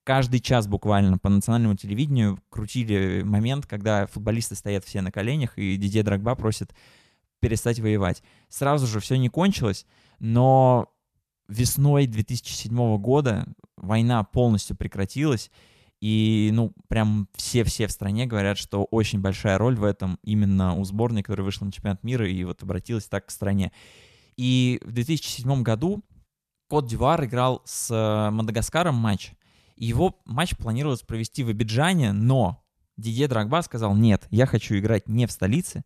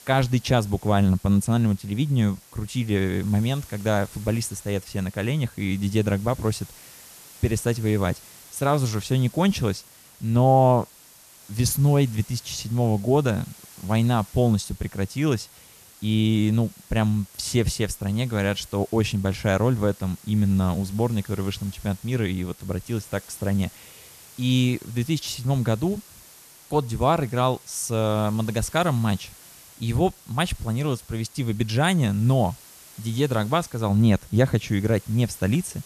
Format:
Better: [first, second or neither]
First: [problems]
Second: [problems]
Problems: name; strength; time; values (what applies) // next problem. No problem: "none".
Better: first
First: none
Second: hiss; faint; throughout; 20 dB below the speech